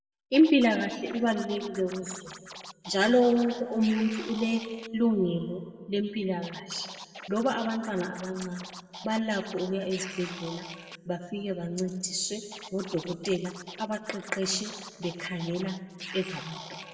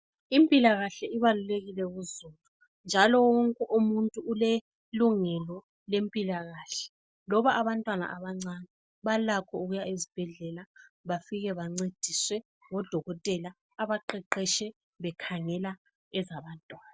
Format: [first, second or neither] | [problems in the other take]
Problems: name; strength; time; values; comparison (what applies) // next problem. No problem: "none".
second | background sound (Scratching (performance technique)); 16 dB below the speech // room echo; dies away in 1.6 s